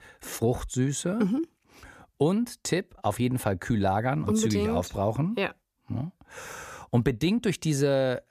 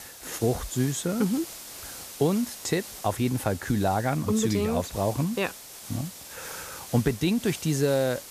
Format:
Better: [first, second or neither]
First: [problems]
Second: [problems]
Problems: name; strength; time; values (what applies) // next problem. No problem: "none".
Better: first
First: none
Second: hiss; noticeable; throughout; 10 dB below the speech